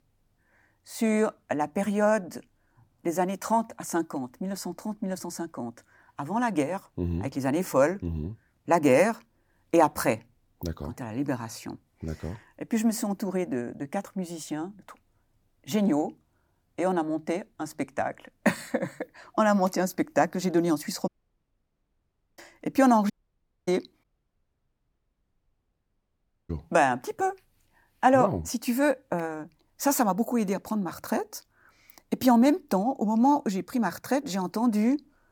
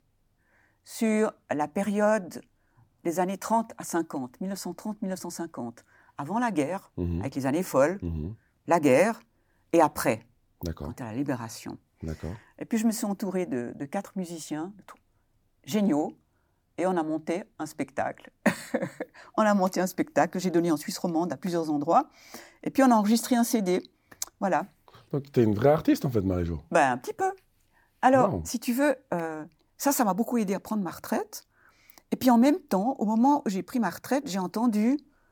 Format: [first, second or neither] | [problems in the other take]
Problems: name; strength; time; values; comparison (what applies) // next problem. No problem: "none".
second | audio cutting out; at 21 s for 1.5 s, at 23 s for 0.5 s and at 24 s for 2.5 s